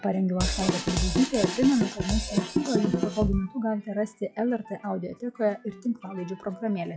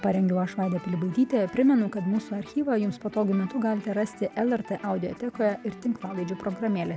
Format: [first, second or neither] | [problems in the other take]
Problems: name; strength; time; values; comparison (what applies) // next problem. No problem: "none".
second | noise reduction (classical method WPE with log-MMSE)